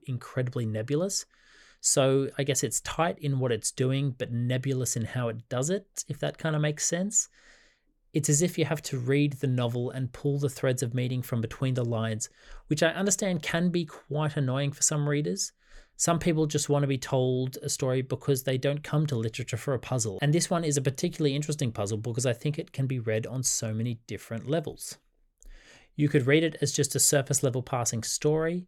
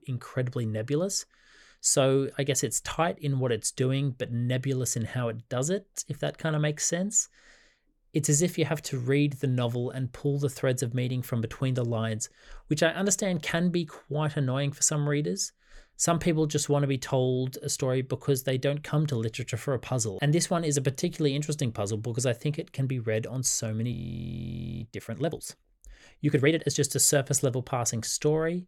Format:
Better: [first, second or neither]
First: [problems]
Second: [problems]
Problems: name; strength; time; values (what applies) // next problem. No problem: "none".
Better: first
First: none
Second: audio freezing; at 24 s for 1 s